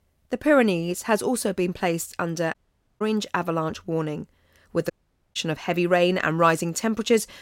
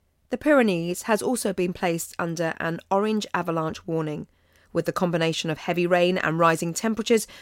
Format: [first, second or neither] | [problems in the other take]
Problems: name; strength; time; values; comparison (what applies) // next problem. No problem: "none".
second | audio cutting out; at 2.5 s and at 5 s